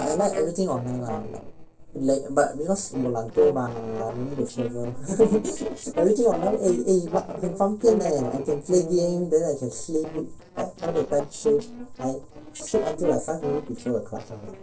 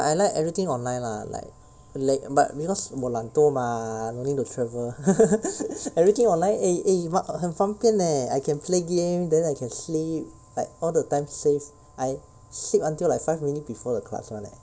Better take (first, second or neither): second